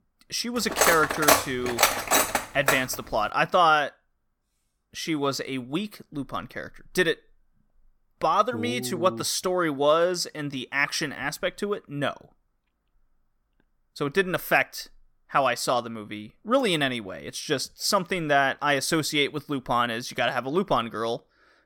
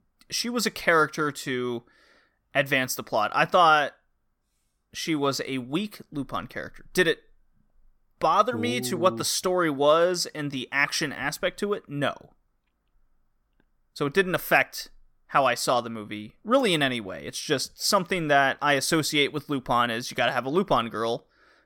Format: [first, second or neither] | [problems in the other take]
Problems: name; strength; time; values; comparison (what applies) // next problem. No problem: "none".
second | clattering dishes; loud; from 0.5 to 3 s; peak 5 dB above the speech